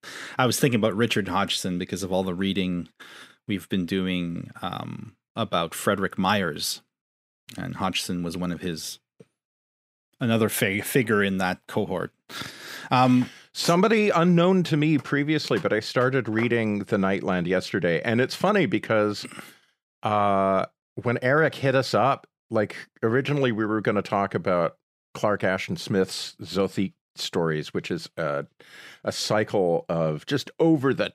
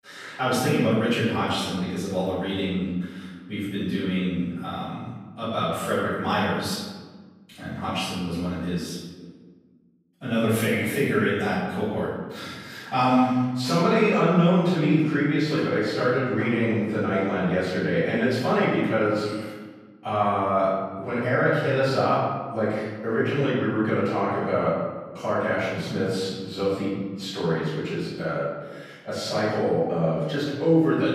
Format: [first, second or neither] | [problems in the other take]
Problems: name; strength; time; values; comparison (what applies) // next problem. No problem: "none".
first | off-mic speech; far // room echo; strong; dies away in 1.3 s